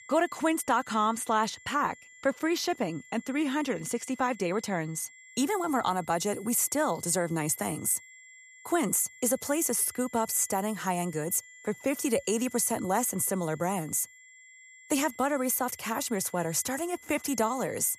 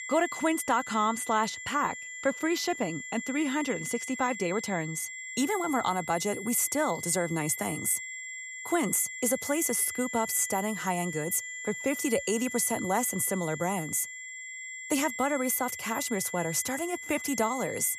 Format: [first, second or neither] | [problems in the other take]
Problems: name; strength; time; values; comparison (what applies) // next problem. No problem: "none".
first | high-pitched whine; loud; throughout; 2 kHz, 9 dB below the speech; faint in the first